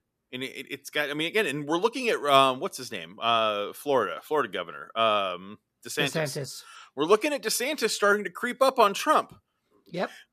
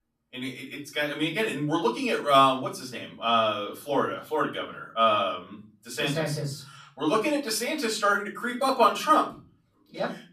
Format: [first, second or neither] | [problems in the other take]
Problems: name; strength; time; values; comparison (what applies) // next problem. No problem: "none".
first | off-mic speech; far // room echo; slight; dies away in 0.4 s